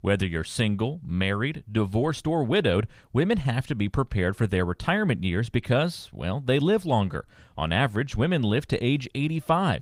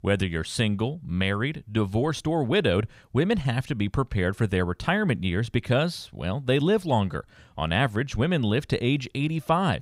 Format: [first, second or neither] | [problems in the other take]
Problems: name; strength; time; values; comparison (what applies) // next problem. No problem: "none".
second | garbled, watery; slightly; nothing above 15.5 kHz